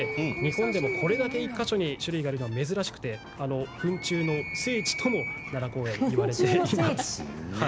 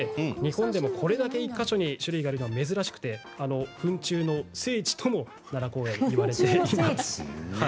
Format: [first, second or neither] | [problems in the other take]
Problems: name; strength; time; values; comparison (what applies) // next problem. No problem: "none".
second | background sound (Animal); 10 dB below the speech